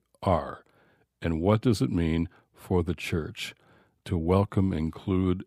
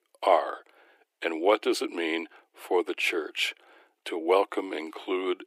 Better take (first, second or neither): first